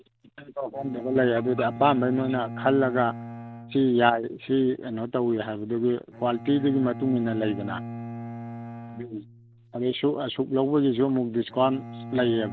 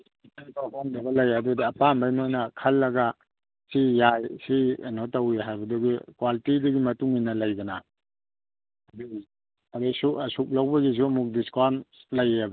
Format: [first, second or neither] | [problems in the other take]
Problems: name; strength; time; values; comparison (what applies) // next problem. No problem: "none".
second | background sound (Bowed string instrument); 13 dB below the speech